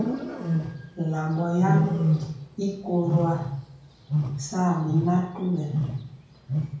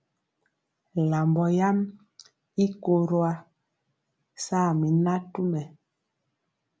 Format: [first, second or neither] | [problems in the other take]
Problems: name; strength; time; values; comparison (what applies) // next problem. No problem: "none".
second | background sound (Wild animals); as loud as the speech // room echo; dies away in 0.5 s